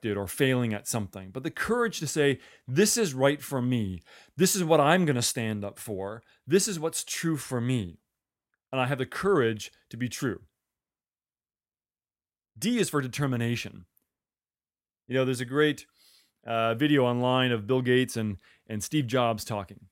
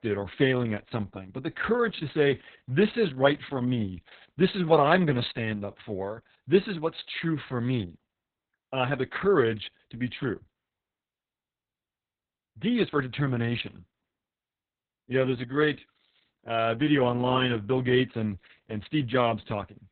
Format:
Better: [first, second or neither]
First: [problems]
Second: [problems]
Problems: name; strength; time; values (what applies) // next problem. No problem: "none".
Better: first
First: none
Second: garbled, watery; badly; nothing above 4 kHz